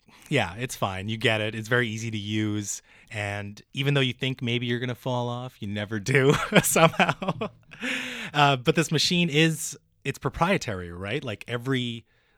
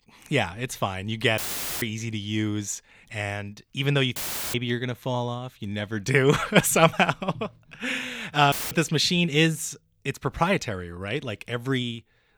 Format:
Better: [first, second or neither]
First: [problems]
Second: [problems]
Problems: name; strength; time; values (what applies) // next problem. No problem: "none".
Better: first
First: none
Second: audio cutting out; filled with static; at 1.5 s, at 4 s and at 8.5 s